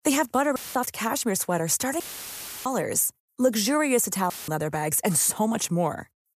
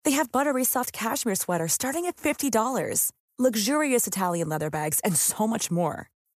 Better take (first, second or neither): second